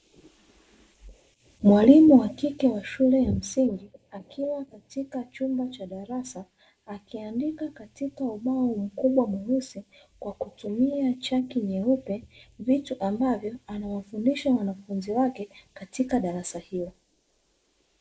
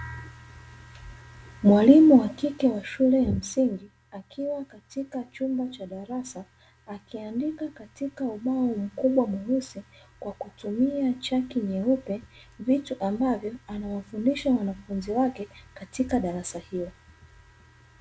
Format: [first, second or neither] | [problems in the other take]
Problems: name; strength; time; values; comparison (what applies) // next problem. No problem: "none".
second | noise reduction (neural mask model Resemble Enhance denoiser)